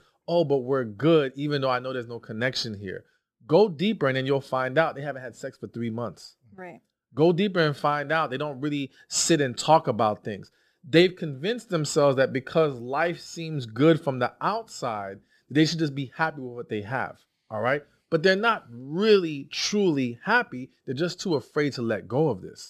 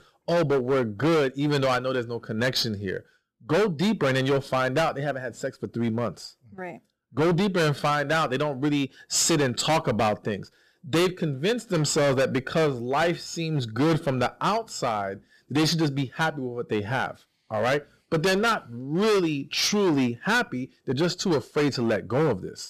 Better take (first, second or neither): first